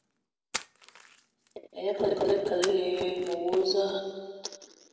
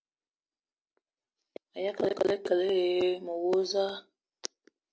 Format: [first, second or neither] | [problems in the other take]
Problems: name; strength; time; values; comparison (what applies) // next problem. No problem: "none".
second | background sound (Splash, splatter); 15 dB below the speech // room echo; dies away in 1.6 s